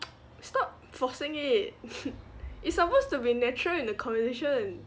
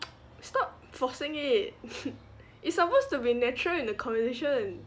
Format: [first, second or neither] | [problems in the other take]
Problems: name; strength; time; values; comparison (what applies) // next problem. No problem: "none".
second | background sound (Wind); 14 dB below the speech